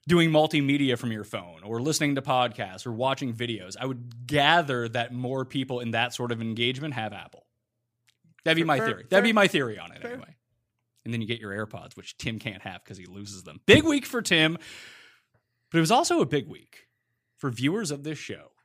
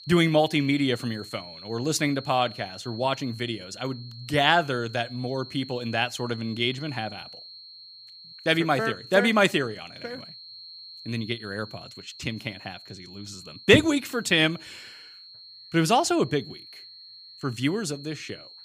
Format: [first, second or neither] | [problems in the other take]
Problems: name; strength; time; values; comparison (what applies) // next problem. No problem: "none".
first | high-pitched whine; noticeable; throughout; 4.5 kHz, 15 dB below the speech